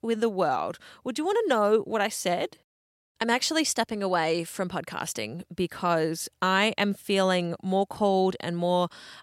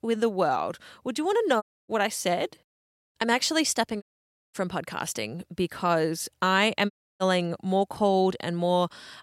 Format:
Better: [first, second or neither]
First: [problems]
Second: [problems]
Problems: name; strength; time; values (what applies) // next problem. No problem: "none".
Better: first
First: none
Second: audio cutting out; at 1.5 s, at 4 s for 0.5 s and at 7 s